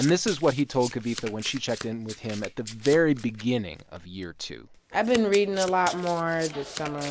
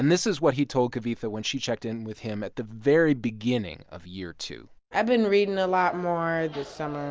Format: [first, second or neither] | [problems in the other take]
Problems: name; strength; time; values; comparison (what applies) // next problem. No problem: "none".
second | background sound (Domestic sounds, home sounds); 15 dB below the speech